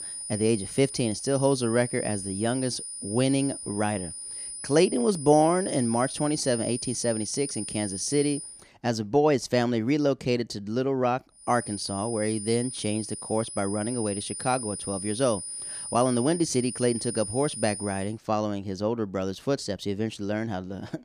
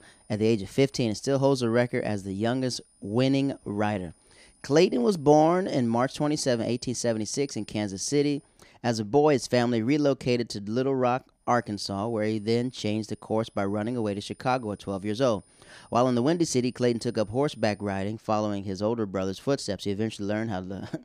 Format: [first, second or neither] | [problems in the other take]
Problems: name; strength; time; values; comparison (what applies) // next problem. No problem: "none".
second | high-pitched whine; loud; until 8.5 s and from 11 to 18 s; 9.5 kHz, 7 dB below the speech; faint in the second